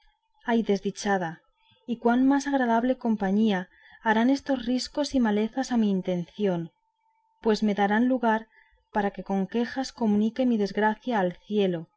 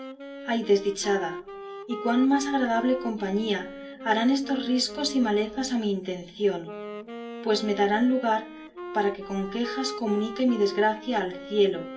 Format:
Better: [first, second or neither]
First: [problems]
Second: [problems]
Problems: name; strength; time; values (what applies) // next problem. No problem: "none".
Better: first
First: none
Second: background sound (Wind instrument, woodwind instrument); 12 dB below the speech // room echo; dies away in 0.3 s